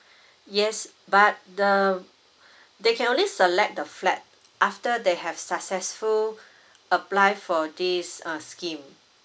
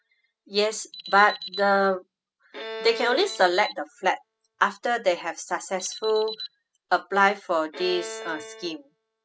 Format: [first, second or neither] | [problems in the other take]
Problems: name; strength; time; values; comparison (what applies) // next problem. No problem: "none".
first | noise reduction (classical method spectral subtraction)